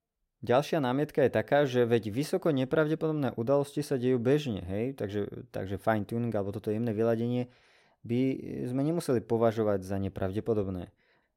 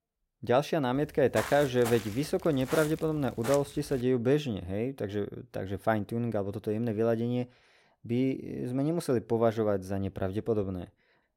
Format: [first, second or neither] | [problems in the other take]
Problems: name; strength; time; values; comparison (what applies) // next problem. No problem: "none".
first | footsteps; noticeable; from 1 to 4 s; peak 7 dB below the speech